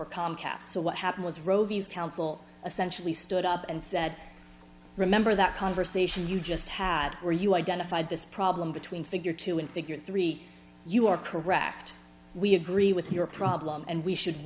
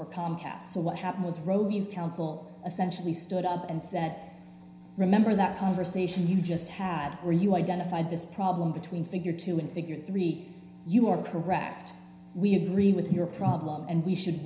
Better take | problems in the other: first | room echo; dies away in 0.9 s

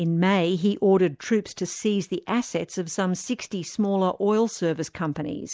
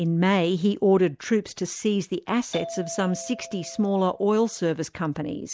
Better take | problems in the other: first | background sound (Doorbell); 15 dB below the speech

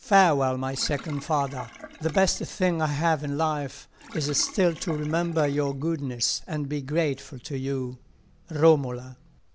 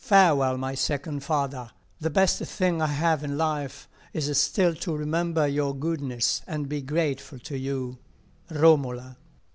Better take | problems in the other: second | background sound (Sink (filling or washing)); 19 dB below the speech

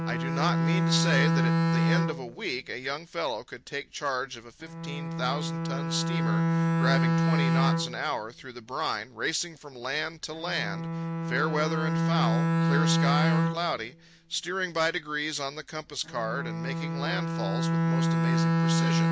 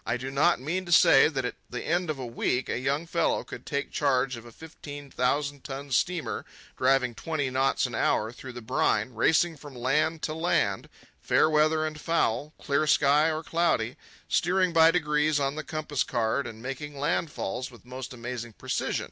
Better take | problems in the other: second | background sound (Bowed string instrument); 5 dB above the speech

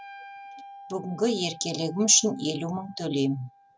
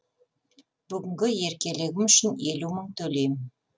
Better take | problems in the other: second | background sound (Wind instrument, woodwind instrument); 18 dB below the speech

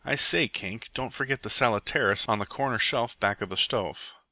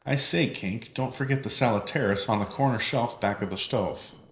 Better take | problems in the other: first | noise reduction (neural separator model SepFormer DNS4)

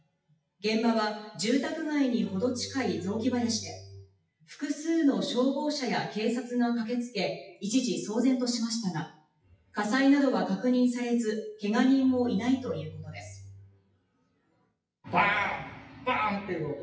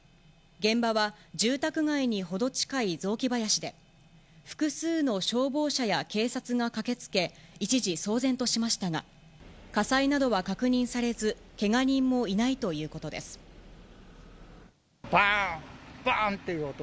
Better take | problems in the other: second | noise reduction (classical method WPE with log-MMSE)

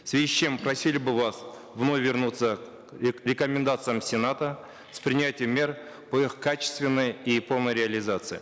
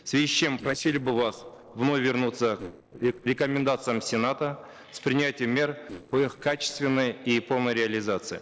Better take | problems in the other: first | noise reduction (neural separator model SepFormer DNS4)

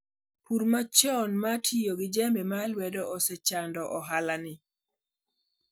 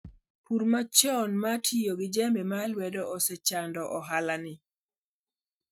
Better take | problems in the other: first | noise reduction (neural mask model RNNoise)

